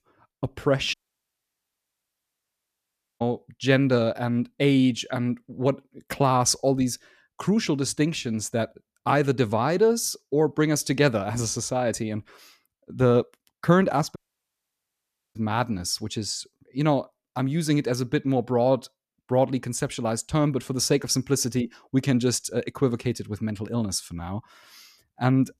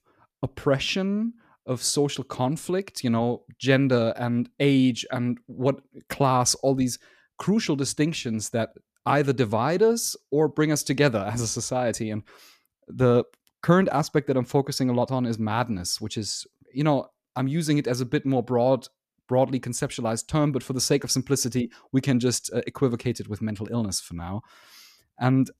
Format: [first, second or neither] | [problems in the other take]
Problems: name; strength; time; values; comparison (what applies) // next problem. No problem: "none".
second | audio cutting out; at 1 s for 2.5 s and at 14 s for 1 s